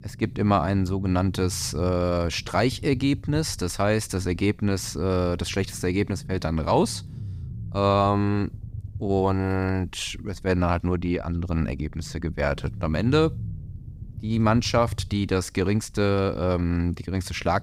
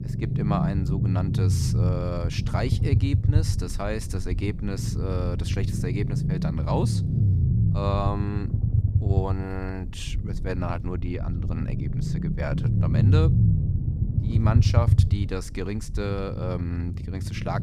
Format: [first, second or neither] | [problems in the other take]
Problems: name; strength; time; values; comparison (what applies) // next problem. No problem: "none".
first | low rumble; loud; throughout; 4 dB below the speech; faint in the first